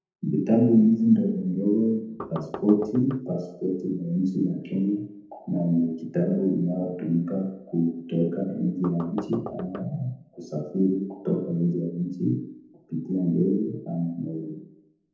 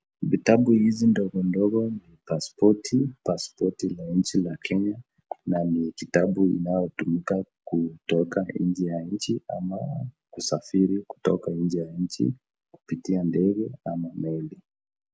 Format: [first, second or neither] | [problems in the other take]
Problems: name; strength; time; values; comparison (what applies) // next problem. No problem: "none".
second | noise reduction (neural separator model SepFormer DNS4)